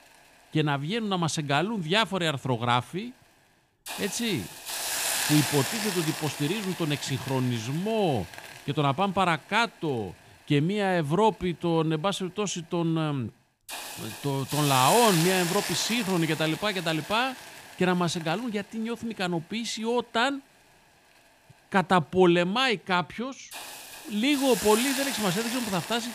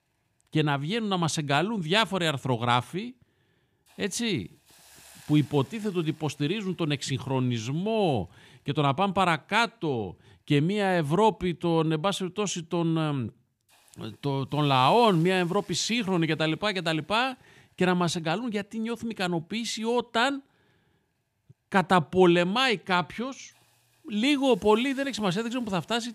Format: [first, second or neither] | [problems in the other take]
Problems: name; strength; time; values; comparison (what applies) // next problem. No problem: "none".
second | hiss; loud; throughout; 6 dB below the speech; faint in the second